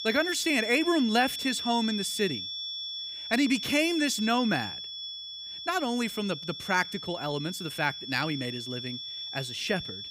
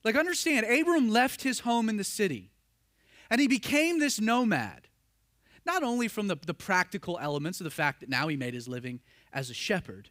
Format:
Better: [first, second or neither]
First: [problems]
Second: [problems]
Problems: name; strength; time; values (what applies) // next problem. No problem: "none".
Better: second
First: high-pitched whine; loud; throughout; 3.5 kHz, 6 dB below the speech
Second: none